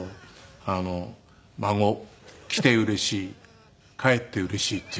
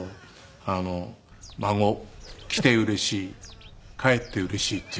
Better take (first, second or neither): first